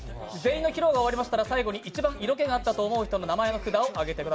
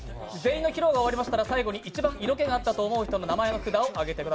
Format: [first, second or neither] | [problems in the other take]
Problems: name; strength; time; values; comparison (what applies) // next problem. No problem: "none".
first | background sound (Knock); 14 dB below the speech